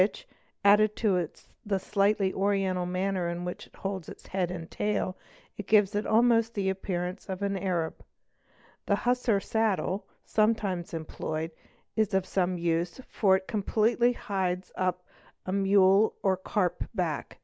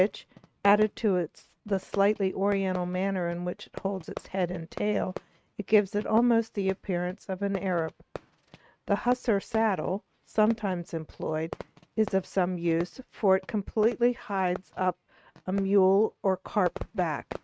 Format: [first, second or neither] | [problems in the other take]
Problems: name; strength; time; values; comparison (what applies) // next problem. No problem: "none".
first | noise reduction (neural mask model RNNoise)